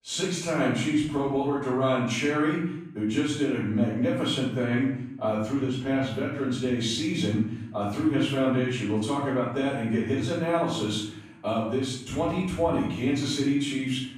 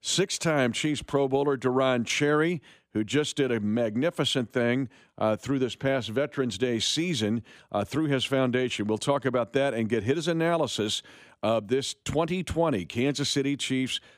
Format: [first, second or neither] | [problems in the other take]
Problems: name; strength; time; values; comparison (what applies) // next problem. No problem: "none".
second | room echo; noticeable; dies away in 0.7 s // off-mic speech; far